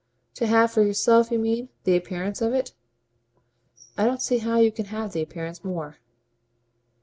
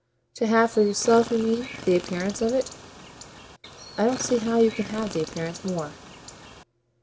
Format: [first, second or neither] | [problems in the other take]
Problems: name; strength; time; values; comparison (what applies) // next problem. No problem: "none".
first | background sound (Chirp, tweet); 14 dB below the speech